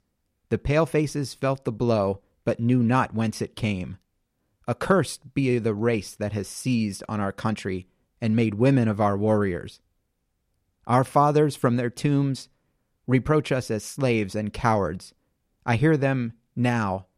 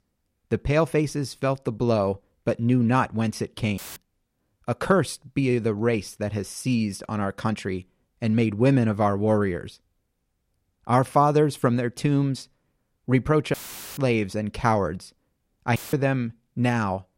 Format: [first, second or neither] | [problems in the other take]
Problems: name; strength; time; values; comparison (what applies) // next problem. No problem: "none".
first | audio cutting out; filled with static; at 4 s, at 14 s and at 16 s